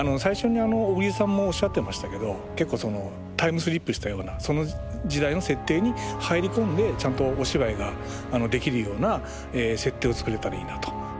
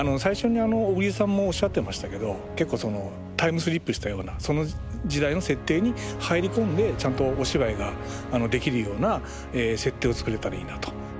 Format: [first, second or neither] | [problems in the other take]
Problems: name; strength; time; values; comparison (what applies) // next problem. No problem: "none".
second | background sound (Alarm); 16 dB below the speech